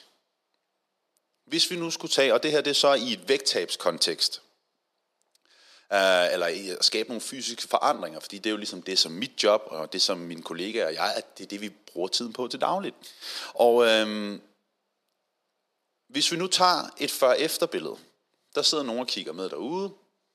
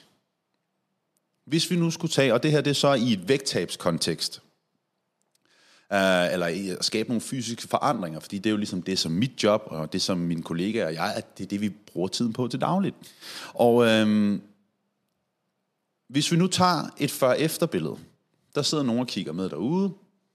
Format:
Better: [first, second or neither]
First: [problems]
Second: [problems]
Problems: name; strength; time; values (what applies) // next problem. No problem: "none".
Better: second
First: thin; somewhat; fading below 450 Hz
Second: none